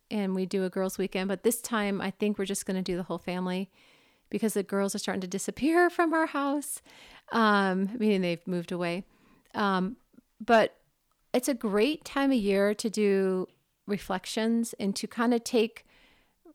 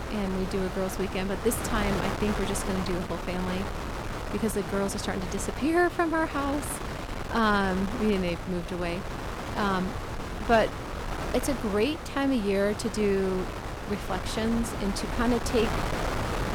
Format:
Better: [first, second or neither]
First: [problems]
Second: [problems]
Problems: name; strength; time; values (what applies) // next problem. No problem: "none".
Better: first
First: none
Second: wind noise on the microphone; heavy; 5 dB below the speech